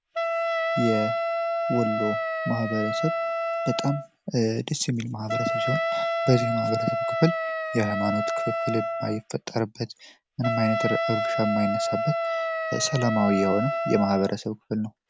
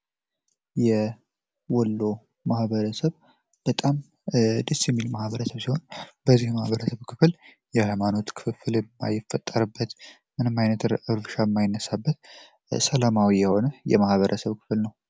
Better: second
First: background sound (Wind instrument, woodwind instrument); 1 dB below the speech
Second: none

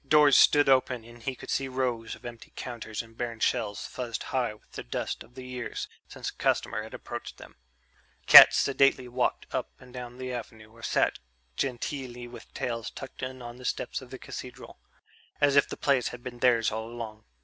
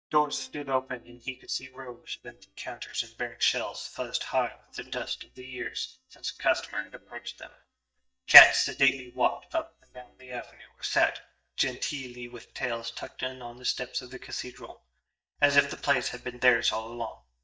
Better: first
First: none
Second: noise reduction (neural mask model DeepFilterNet 3)

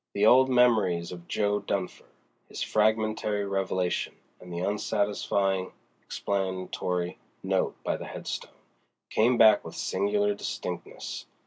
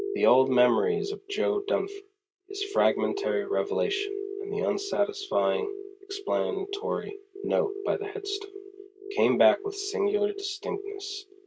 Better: first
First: none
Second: noise reduction (neural mask model RNNoise)

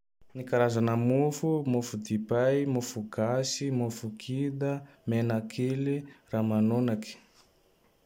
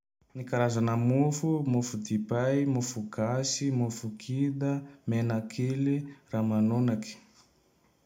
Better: first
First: none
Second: room echo; dies away in 0.2 s

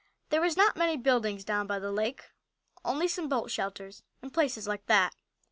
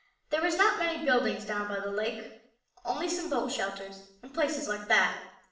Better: first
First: none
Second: room echo; dies away in 0.6 s

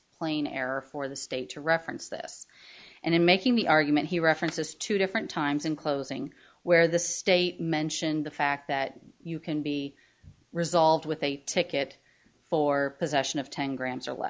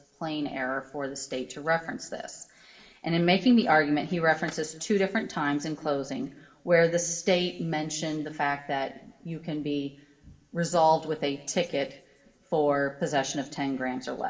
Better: first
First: none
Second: room echo; dies away in 1.1 s

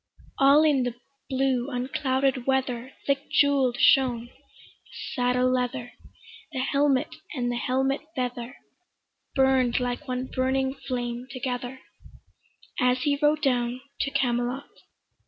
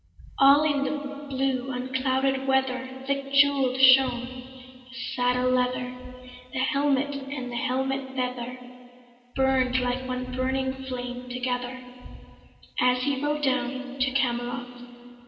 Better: first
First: none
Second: room echo; dies away in 2.6 s

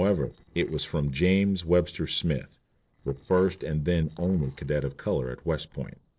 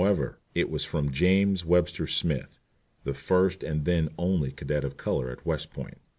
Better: second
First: noise reduction (neural separator model SepFormer DNS4)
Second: none

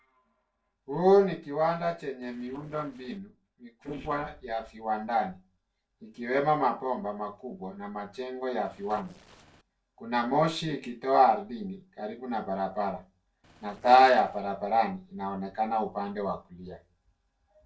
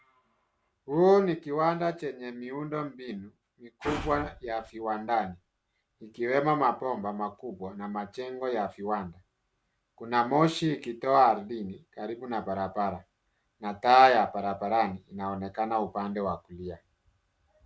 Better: second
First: noise reduction (neural separator model SepFormer DNS4)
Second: none

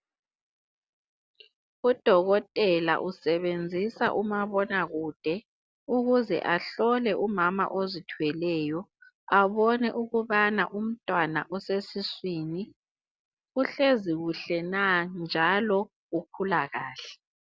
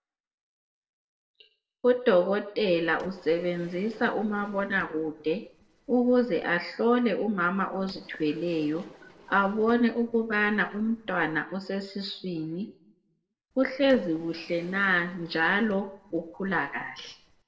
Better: first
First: none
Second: noise reduction (neural separator model SepFormer DNS4)

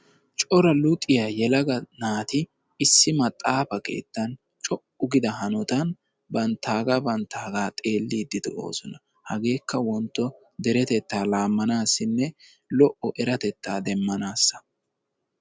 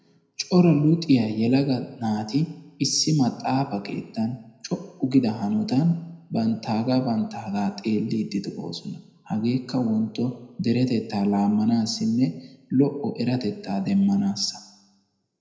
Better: first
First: none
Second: room echo; dies away in 0.7 s

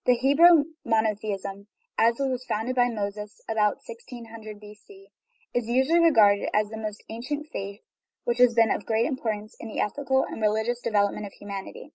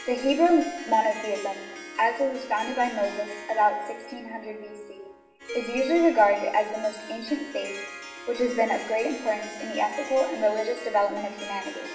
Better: first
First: none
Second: background sound (Harp); 14 dB below the speech // room echo; dies away in 0.9 s

